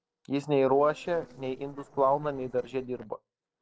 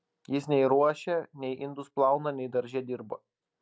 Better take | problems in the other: second | noise reduction (neural separator model SepFormer DNS4)

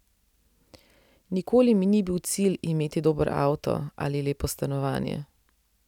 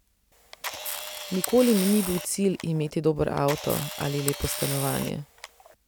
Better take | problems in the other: first | background sound (Camera); 8 dB below the speech

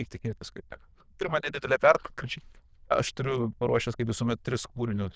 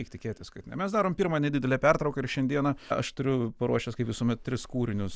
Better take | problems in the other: second | noise reduction (neural diffusion model UNIVERSE++)

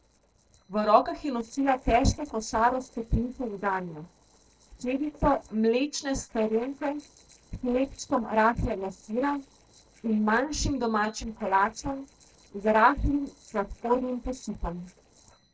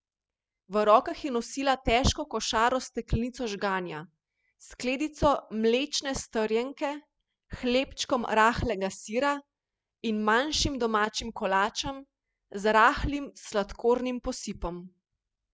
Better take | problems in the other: second | noise reduction (neural separator model SepFormer DNS4)

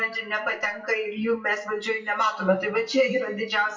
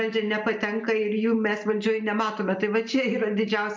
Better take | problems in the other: second | noise reduction (classical method WPE with log-MMSE)

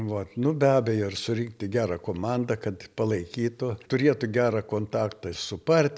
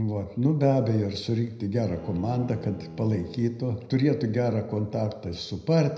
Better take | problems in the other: first | background sound (Bowed string instrument); 18 dB below the speech // room echo; dies away in 0.8 s

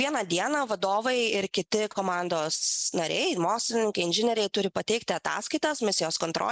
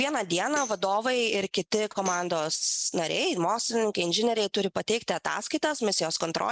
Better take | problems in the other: first | background sound (Tambourine); 15 dB below the speech

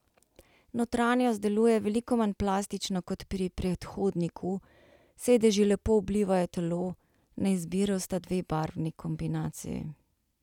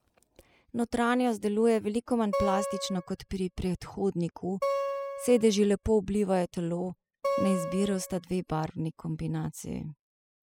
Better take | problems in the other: first | noise reduction (classical method spectral subtraction)

